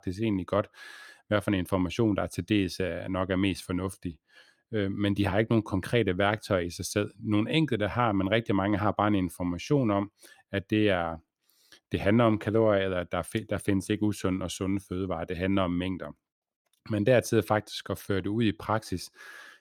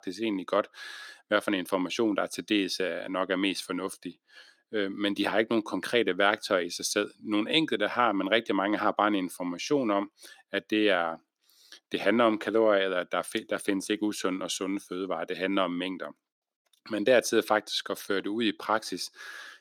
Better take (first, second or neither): first